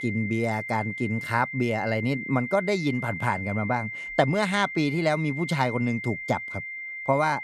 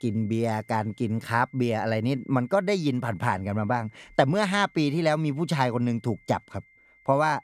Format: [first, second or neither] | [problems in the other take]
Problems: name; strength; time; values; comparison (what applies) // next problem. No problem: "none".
second | high-pitched whine; loud; throughout; 2 kHz, 7 dB below the speech; faint in the second